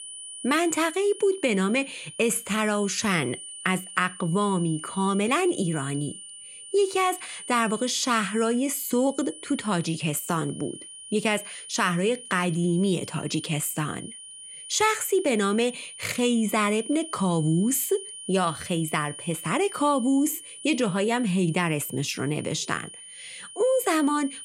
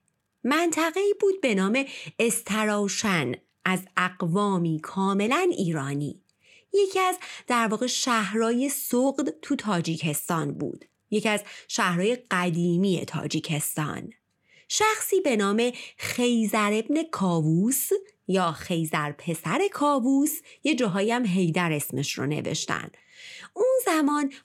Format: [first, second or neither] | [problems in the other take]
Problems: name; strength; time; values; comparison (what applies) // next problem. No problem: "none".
second | high-pitched whine; noticeable; throughout; 9.5 kHz, 15 dB below the speech